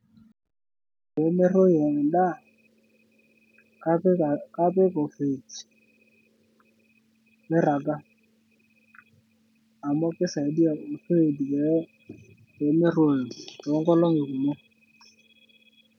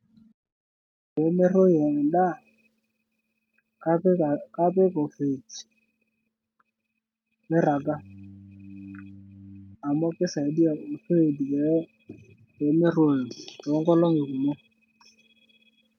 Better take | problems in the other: first | noise reduction (neural mask model RNNoise)

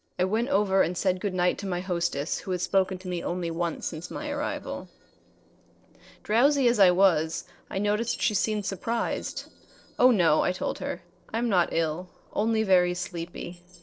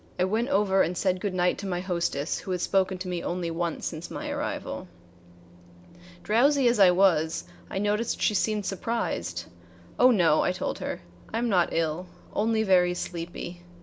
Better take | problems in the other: second | noise reduction (neural separator model SepFormer DNS4)

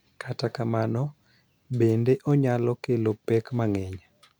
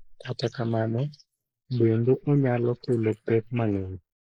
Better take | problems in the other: first | noise reduction (neural mask model Resemble Enhance denoiser)

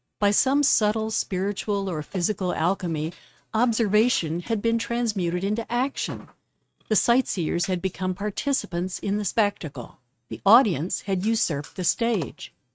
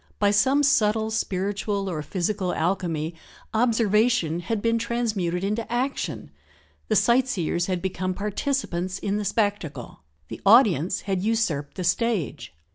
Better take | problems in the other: second | noise reduction (neural mask model RNNoise)

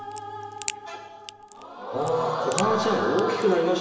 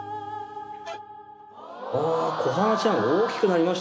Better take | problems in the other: second | background sound (Crack); 15 dB below the speech // room echo; dies away in 1.1 s

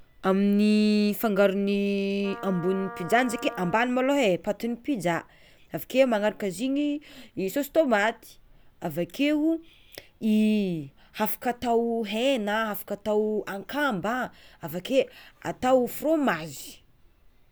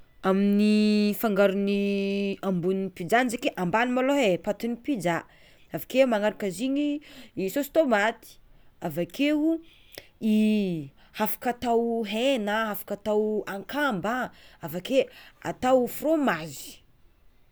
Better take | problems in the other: second | background sound (Wind instrument, woodwind instrument); 15 dB below the speech

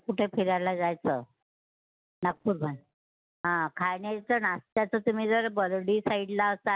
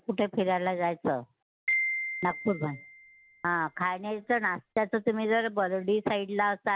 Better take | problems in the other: first | background sound (Marimba, xylophone); 7 dB below the speech

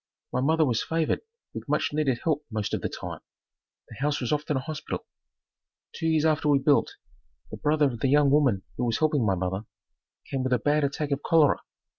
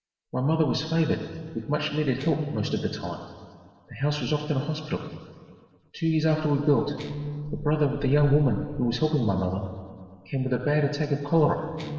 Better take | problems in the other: first | background sound (Guitar); 16 dB below the speech // room echo; dies away in 2.1 s

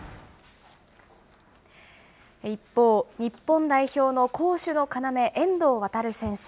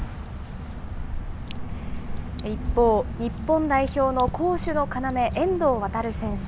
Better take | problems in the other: first | background sound (Drip / Water); 5 dB below the speech

